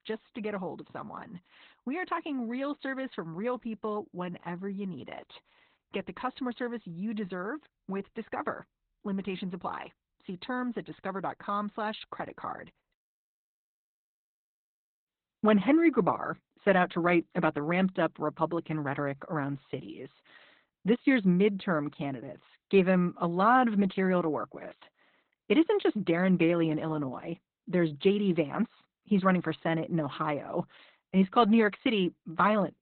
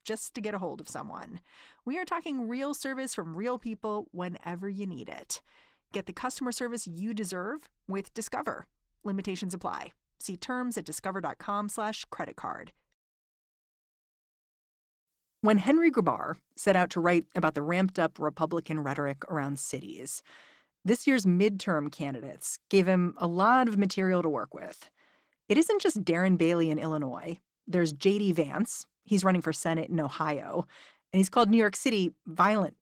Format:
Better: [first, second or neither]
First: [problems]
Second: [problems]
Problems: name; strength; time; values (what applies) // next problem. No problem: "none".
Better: second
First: garbled, watery; badly; nothing above 4 kHz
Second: garbled, watery; slightly; nothing above 19 kHz